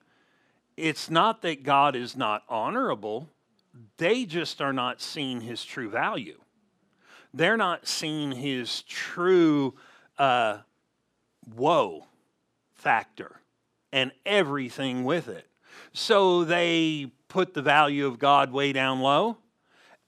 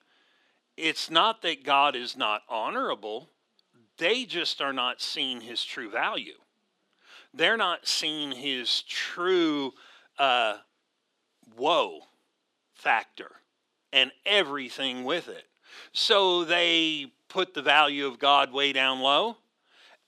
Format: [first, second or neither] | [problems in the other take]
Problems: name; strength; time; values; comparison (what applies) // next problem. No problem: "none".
first | thin; very slightly; fading below 300 Hz